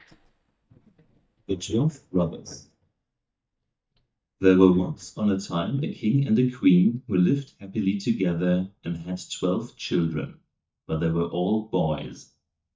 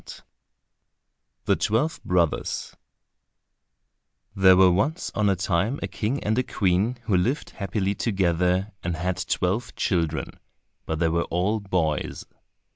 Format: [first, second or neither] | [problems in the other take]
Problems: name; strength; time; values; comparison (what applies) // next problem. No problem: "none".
second | noise reduction (neural mask model DeepFilterNet 3)